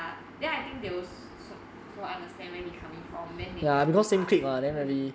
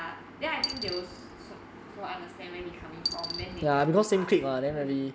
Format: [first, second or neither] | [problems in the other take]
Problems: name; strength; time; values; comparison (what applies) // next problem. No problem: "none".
first | background sound (Coin (dropping)); 10 dB below the speech